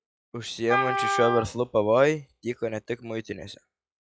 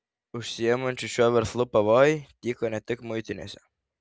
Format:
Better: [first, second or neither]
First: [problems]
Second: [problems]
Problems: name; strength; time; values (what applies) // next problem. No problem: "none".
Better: second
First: noise reduction (classical method log-MMSE)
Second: none